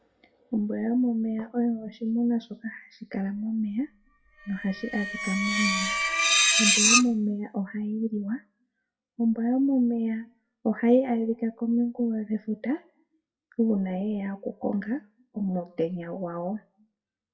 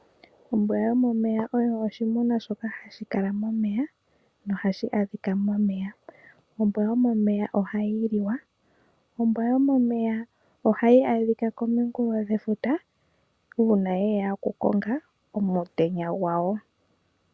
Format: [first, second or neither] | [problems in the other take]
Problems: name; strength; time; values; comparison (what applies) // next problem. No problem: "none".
second | noise reduction (classical method WPE with log-MMSE)